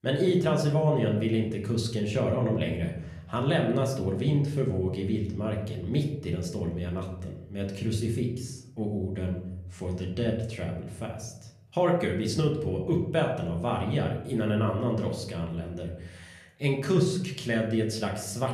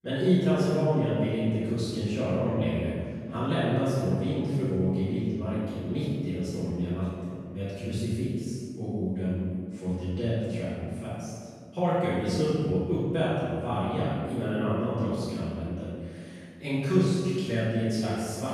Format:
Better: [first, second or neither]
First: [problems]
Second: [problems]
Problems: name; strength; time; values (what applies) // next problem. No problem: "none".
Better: first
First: room echo; slight; dies away in 0.7 s // off-mic speech; somewhat distant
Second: room echo; strong; dies away in 2.2 s // off-mic speech; far